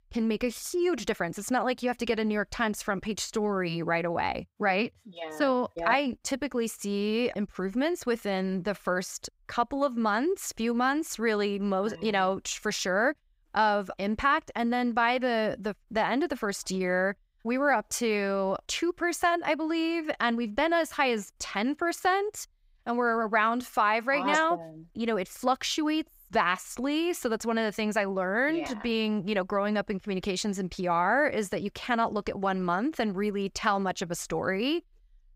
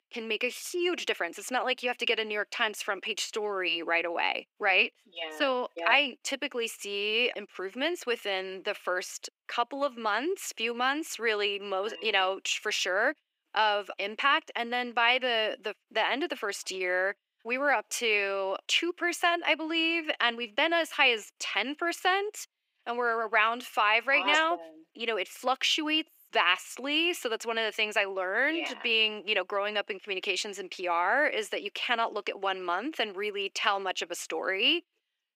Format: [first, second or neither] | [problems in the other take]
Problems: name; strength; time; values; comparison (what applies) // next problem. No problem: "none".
first | thin; somewhat; fading below 300 Hz